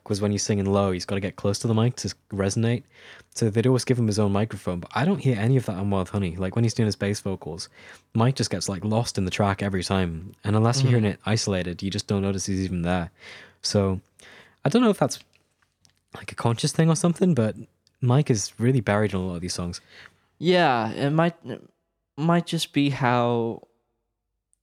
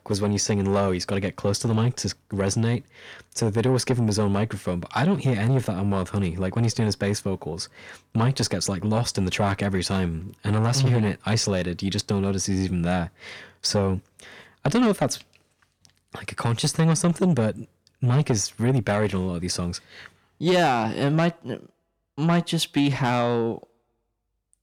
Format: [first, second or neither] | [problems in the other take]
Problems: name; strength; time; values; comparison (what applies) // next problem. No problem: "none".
first | distortion; slight; 10 dB below the speech